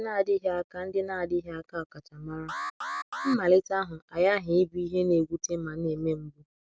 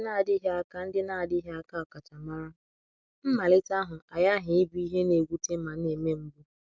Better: second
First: background sound (Alarm); 9 dB below the speech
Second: none

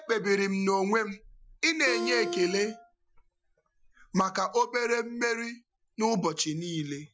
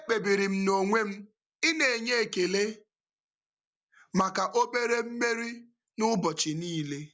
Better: second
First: noise reduction (classical method Wiener filter)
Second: none

